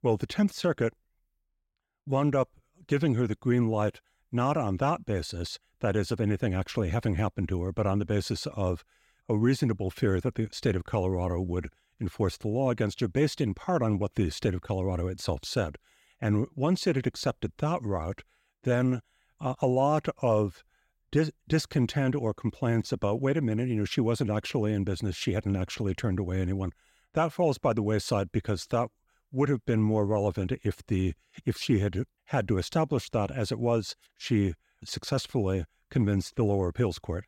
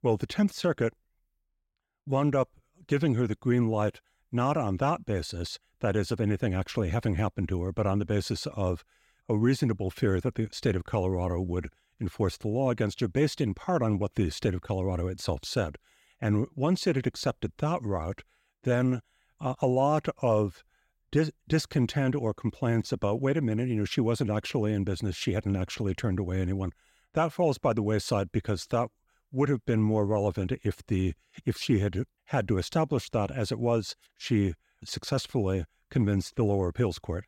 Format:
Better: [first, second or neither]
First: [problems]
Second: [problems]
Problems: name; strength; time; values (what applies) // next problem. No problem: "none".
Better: neither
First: none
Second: none